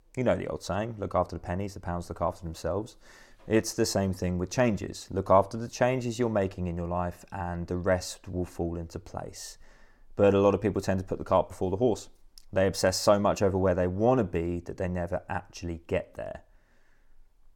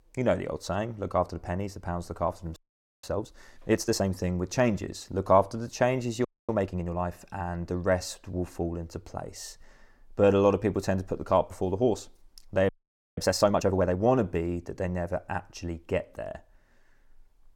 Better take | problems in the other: first | audio freezing; at 2.5 s, at 6.5 s and at 13 s

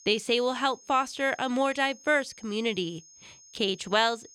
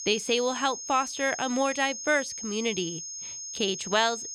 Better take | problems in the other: first | high-pitched whine; loud; throughout; 6.5 kHz, 8 dB below the speech; faint in the first

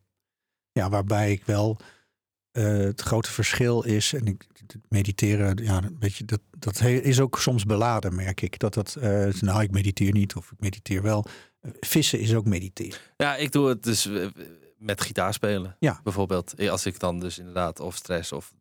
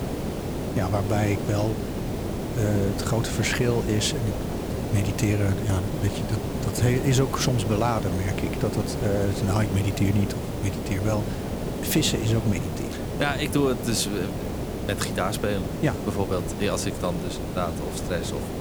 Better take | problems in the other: first | hiss; loud; throughout; 4 dB below the speech

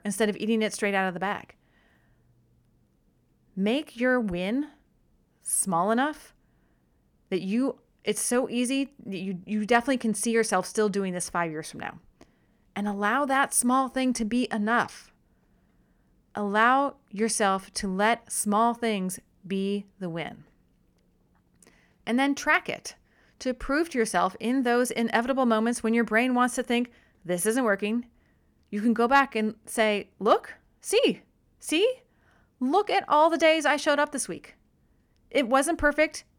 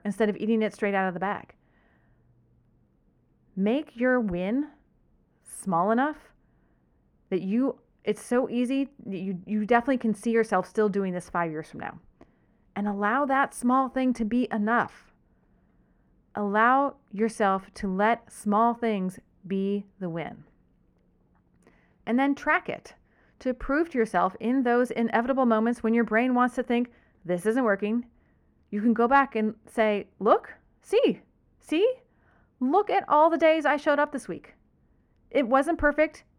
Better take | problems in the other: first | muffled; slightly; fading above 3 kHz

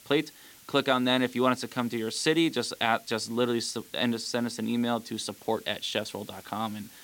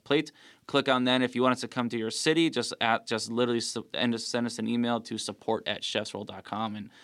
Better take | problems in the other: second | hiss; faint; throughout; 20 dB below the speech

